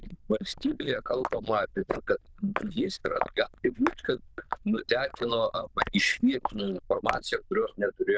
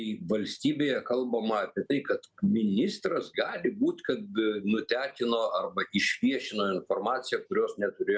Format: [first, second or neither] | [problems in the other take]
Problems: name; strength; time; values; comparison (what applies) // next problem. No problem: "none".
second | noise reduction (neural diffusion model UNIVERSE++)